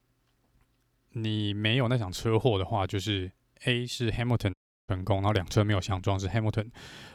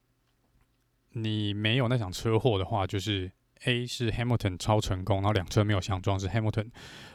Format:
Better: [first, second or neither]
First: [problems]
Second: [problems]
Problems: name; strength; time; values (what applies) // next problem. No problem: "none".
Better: second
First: audio cutting out; at 4.5 s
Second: none